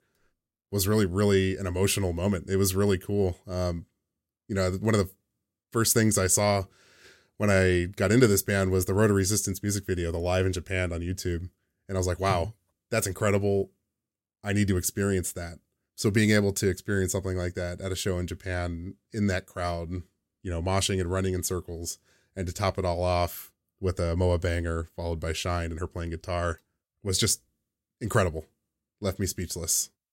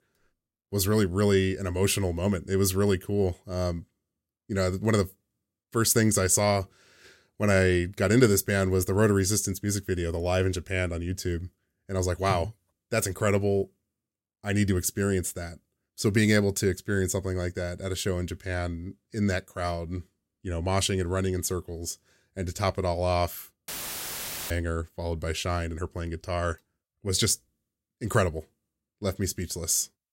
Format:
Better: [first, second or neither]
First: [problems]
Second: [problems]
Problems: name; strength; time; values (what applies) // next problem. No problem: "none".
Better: first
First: none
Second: audio cutting out; filled with static; at 24 s for 1 s